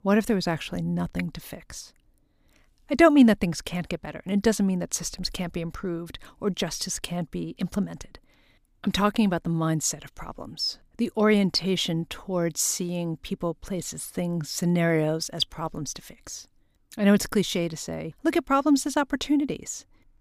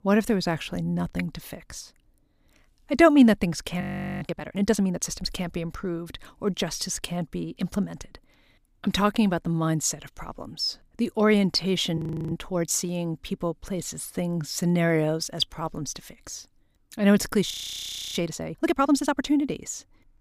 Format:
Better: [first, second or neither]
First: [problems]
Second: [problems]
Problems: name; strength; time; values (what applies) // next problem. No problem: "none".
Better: first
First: none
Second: audio freezing; at 4 s, at 12 s and at 18 s for 0.5 s